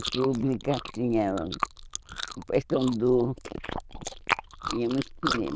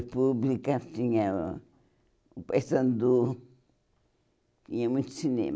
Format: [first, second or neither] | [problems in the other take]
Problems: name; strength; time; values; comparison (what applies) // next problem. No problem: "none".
second | noise reduction (neural diffusion model UNIVERSE++)